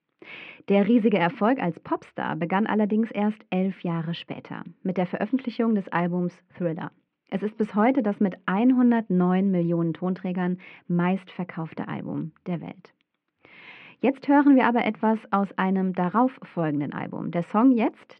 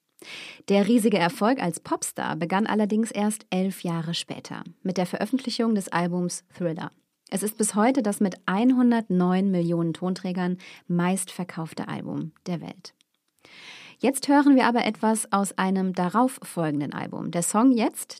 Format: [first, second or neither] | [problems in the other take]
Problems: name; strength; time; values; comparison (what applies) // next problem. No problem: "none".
second | muffled; very; fading above 2.5 kHz